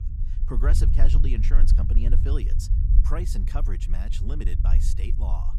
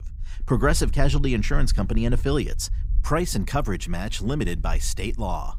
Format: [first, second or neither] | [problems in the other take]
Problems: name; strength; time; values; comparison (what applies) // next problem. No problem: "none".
second | low rumble; loud; throughout; 5 dB below the speech; faint in the second